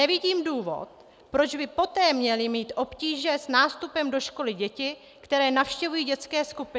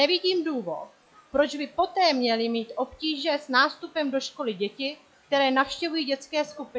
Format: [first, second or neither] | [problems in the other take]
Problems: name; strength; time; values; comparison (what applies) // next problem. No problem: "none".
first | noise reduction (classical method log-MMSE)